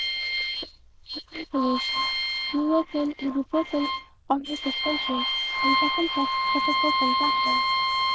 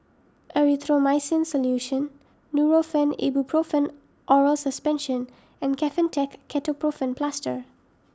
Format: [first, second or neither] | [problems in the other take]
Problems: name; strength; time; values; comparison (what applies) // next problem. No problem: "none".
second | noise reduction (neural diffusion model UNIVERSE++)